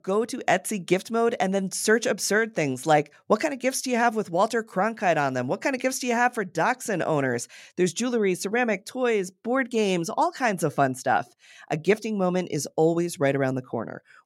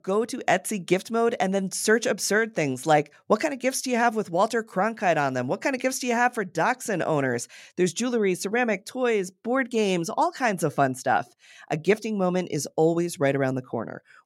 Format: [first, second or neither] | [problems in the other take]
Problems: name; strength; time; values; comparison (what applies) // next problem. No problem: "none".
neither | none